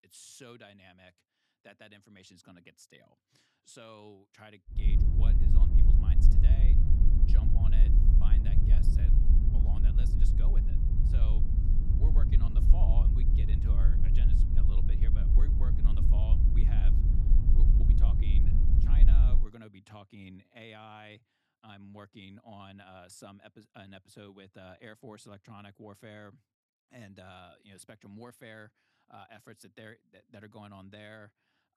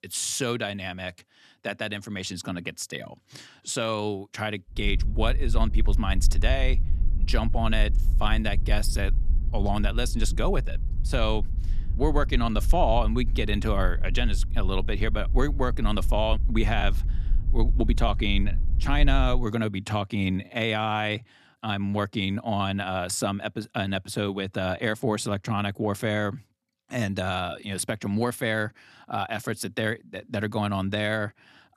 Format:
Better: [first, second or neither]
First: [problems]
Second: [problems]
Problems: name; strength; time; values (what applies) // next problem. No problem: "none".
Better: second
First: wind noise on the microphone; heavy; from 5 to 19 s; 4 dB above the speech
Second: wind noise on the microphone; occasional gusts; from 5 to 19 s; 20 dB below the speech